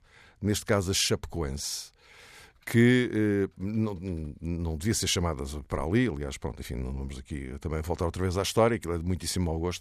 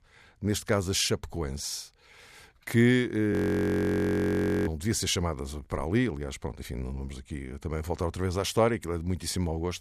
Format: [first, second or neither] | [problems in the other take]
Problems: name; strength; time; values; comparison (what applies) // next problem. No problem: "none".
first | audio freezing; at 3.5 s for 1.5 s